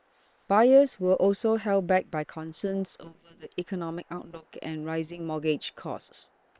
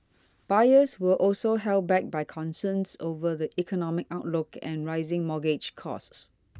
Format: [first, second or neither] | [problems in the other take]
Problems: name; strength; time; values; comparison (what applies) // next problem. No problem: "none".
second | noise reduction (neural separator model SepFormer WHAM!)